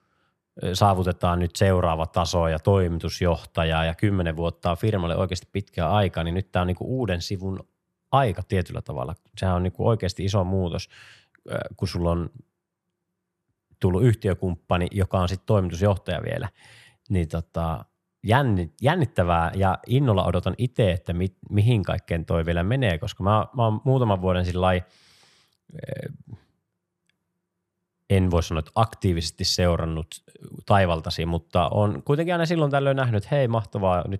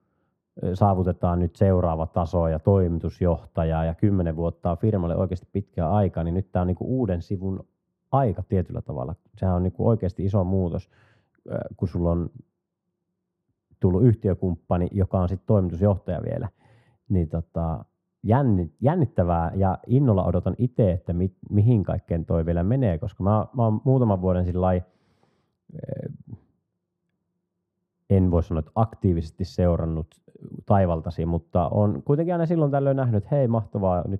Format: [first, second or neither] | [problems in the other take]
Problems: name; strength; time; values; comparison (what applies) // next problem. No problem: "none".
first | muffled; very; fading above 1.5 kHz